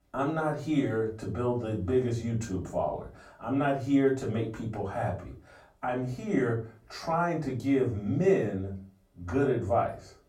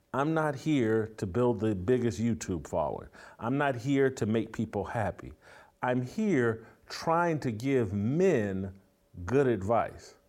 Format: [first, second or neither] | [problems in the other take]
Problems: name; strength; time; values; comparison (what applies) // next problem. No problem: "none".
second | off-mic speech; far // room echo; slight; dies away in 0.3 s